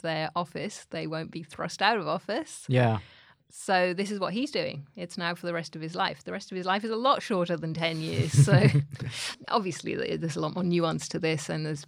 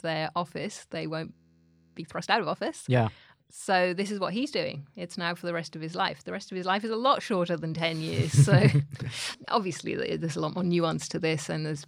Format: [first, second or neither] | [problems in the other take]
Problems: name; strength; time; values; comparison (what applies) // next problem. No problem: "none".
first | audio freezing; at 1.5 s for 0.5 s